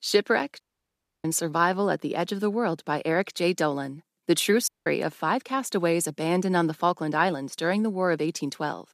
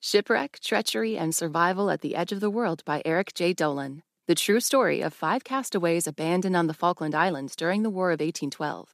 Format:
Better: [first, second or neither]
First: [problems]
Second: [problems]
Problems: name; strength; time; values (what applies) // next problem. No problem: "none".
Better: second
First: audio cutting out; at 0.5 s for 0.5 s and at 4.5 s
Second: none